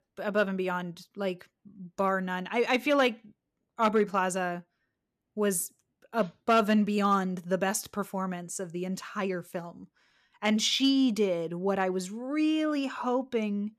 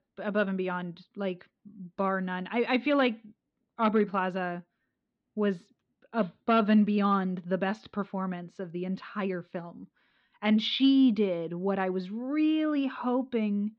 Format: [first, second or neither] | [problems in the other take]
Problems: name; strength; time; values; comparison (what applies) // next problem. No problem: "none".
first | muffled; slightly; fading above 4 kHz